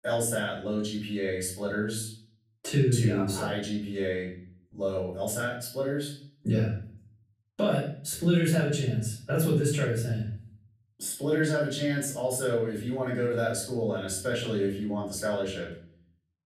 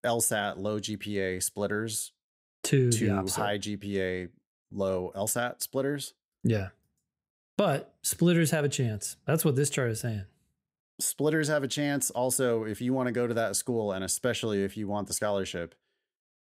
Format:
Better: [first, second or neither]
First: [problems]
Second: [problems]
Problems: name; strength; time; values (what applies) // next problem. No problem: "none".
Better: second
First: room echo; noticeable; dies away in 0.5 s // off-mic speech; far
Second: none